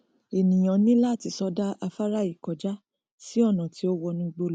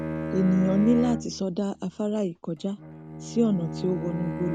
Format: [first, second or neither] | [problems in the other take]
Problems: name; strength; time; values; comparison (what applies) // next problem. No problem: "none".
first | background sound (Bowed string instrument); 8 dB below the speech